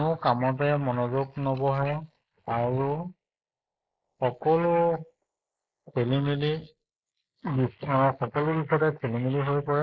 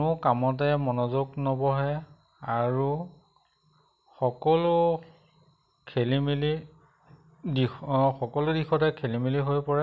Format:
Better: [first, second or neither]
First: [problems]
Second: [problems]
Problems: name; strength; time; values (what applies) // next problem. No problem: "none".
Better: second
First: noise reduction (neural mask model Resemble Enhance denoiser)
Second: none